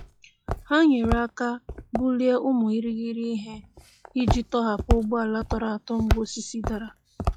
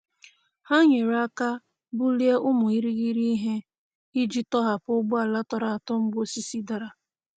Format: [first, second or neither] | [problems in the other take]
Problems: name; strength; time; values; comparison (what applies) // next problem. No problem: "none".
second | noise reduction (classical method log-MMSE)